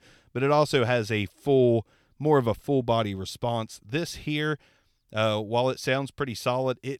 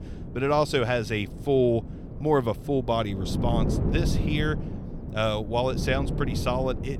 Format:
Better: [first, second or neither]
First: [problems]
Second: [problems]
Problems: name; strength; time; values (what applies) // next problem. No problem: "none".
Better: first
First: none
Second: wind noise on the microphone; occasional gusts; 10 dB below the speech